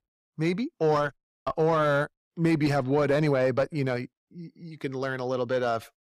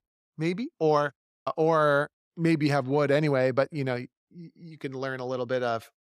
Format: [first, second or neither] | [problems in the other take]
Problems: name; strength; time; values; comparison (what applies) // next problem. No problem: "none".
second | distortion; slight; 10 dB below the speech